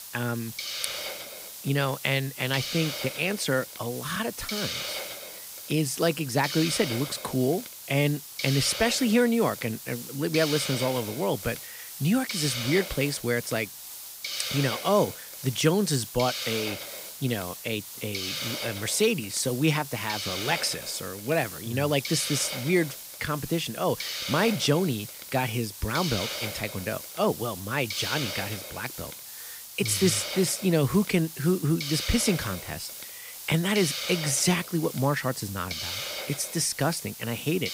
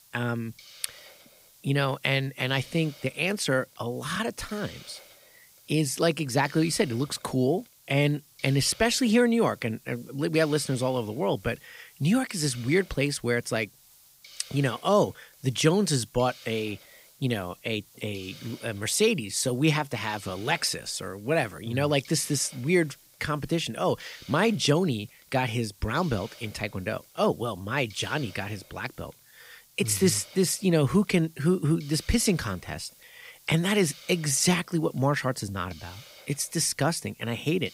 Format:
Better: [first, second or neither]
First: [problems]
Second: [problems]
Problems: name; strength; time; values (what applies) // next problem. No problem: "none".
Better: second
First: hiss; loud; throughout; 7 dB below the speech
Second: hiss; faint; throughout; 25 dB below the speech